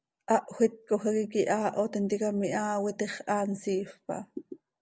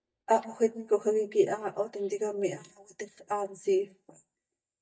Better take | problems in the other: first | noise reduction (neural mask model DeepFilterNet 3)

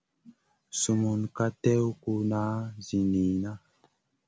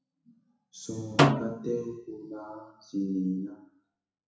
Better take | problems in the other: first | noise reduction (classical method WPE with log-MMSE)

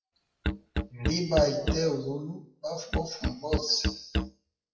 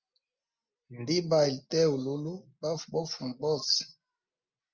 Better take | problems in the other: second | noise reduction (classical method WPE with log-MMSE)

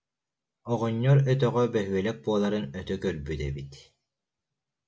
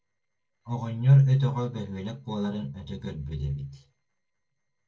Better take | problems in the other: first | noise reduction (neural separator model SepFormer DNS4)

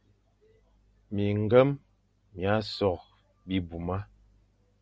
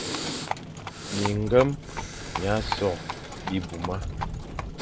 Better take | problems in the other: first | background sound (Breathing + Livestock, farm animals, working animals); 4 dB below the speech

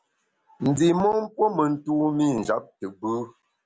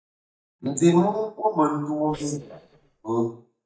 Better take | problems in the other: first | noise reduction (neural mask model DeepFilterNet 3)

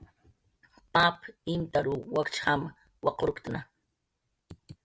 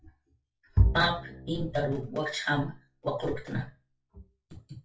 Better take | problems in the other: first | noise reduction (classical method WPE with log-MMSE)

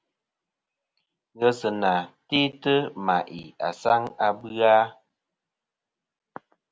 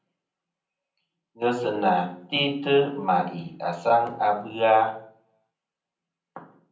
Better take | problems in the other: first | room echo; dies away in 0.6 s

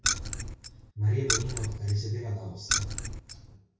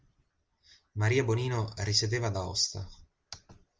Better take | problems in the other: second | background sound (Keys jangling); 1 dB above the speech // room echo; dies away in 0.6 s

